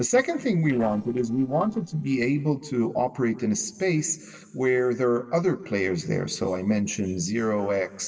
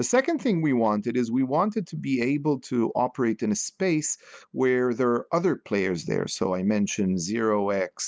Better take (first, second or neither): second